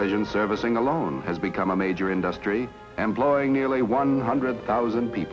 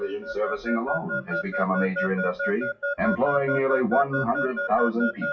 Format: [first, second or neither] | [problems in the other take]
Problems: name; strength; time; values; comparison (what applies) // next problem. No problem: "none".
first | noise reduction (classical method WPE with log-MMSE)